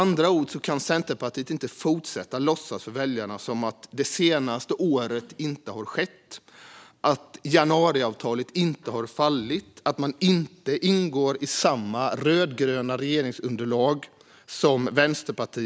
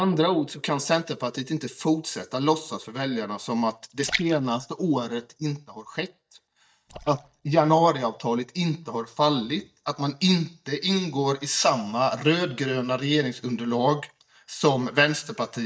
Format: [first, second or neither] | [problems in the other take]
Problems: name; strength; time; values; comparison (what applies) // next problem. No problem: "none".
first | noise reduction (neural mask model DeepFilterNet 3)